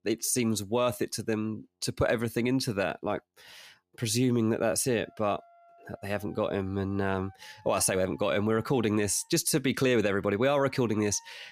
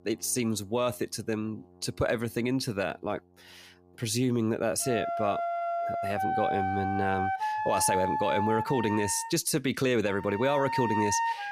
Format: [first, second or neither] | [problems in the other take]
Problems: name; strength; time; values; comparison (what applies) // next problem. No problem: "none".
first | background music; loud; throughout; 2 dB below the speech; faint in the first